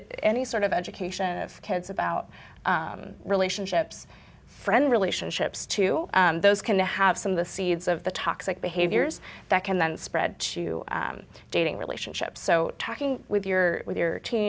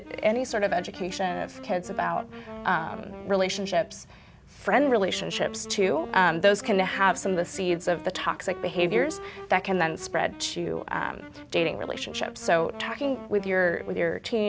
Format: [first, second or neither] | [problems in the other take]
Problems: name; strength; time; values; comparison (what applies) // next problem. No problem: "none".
first | background sound (Wind instrument, woodwind instrument); 15 dB below the speech